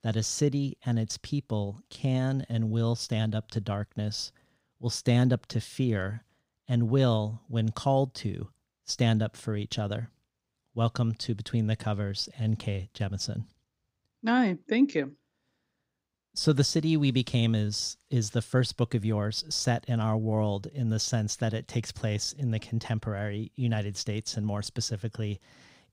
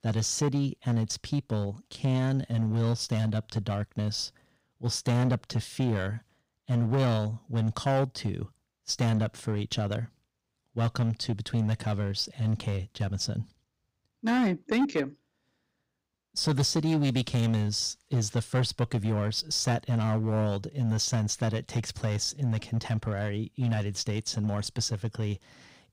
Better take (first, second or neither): first